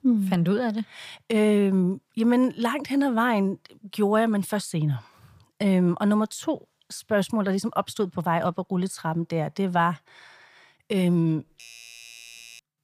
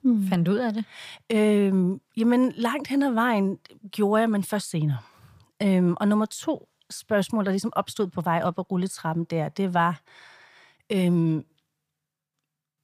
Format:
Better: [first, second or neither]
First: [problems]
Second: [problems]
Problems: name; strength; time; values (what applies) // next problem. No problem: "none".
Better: second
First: doorbell; faint; from 11 s on; peak 20 dB below the speech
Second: none